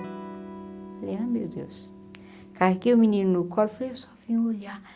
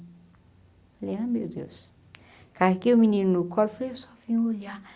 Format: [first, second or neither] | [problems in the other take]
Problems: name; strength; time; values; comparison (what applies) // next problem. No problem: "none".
second | background sound (Electric guitar / Strum); 17 dB below the speech